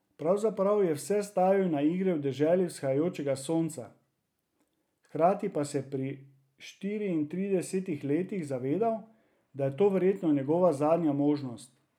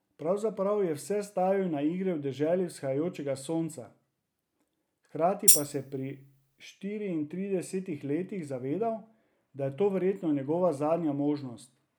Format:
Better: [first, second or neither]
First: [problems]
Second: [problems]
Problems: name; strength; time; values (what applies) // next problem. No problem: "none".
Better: first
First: none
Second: background sound (Tambourine); 4 dB above the speech